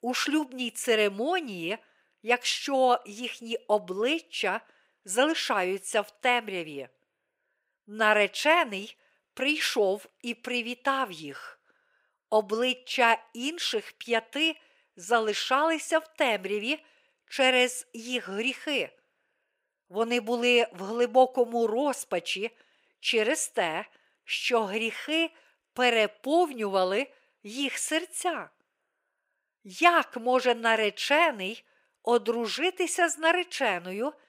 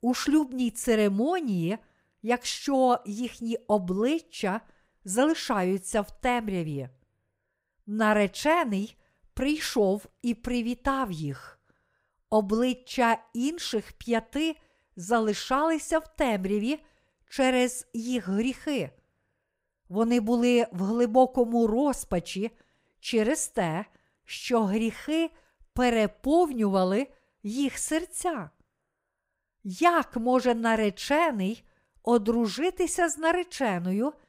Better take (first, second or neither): second